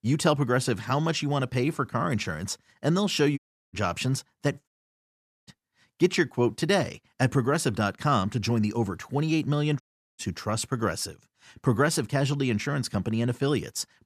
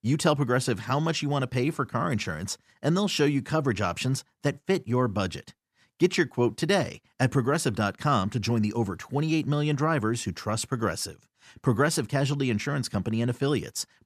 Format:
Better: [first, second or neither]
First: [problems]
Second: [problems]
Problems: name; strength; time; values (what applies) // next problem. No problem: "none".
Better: second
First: audio cutting out; at 3.5 s, at 4.5 s for 1 s and at 10 s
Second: none